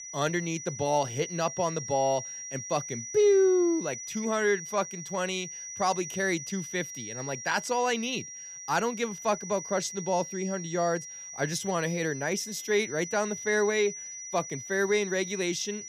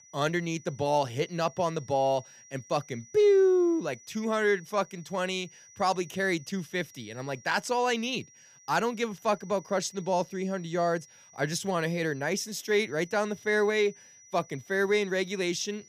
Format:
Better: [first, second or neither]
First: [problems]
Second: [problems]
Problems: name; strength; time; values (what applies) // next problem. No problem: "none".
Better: second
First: high-pitched whine; loud; throughout; 6 kHz, 9 dB below the speech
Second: high-pitched whine; faint; throughout; 6 kHz, 25 dB below the speech